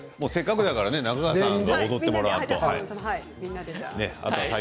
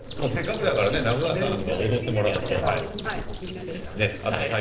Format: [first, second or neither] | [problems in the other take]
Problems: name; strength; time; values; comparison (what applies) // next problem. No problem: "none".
first | noise reduction (neural separator model SepFormer DNS4)